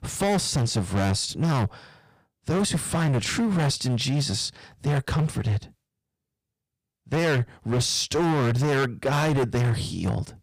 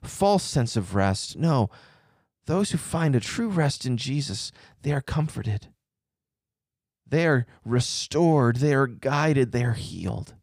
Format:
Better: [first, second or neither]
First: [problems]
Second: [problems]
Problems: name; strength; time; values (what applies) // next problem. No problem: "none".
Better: second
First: distortion; heavy; 18% of the sound clipped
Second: none